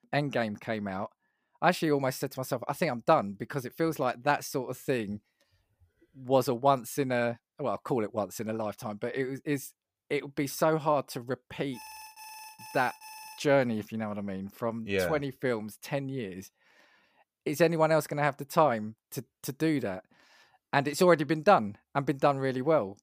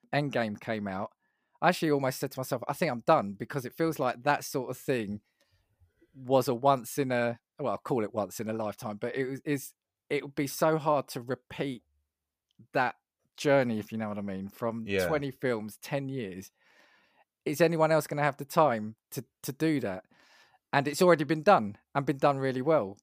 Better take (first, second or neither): second